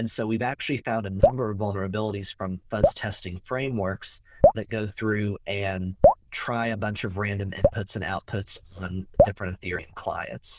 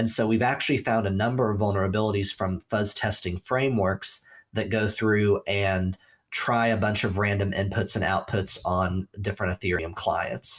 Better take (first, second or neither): second